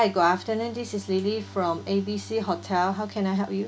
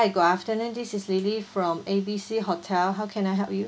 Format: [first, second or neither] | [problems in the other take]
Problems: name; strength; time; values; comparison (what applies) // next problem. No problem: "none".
second | background sound (Bowed string instrument); 19 dB below the speech